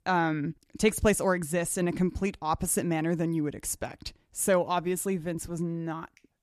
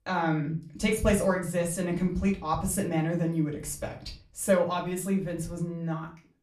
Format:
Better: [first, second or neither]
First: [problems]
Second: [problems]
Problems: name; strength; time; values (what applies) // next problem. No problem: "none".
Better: first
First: none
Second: room echo; slight; dies away in 0.3 s // off-mic speech; far